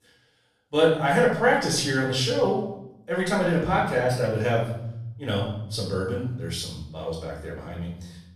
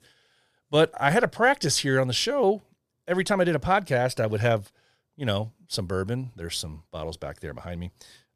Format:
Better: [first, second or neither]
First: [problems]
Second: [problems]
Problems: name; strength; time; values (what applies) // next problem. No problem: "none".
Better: second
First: off-mic speech; far // room echo; noticeable; dies away in 0.7 s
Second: none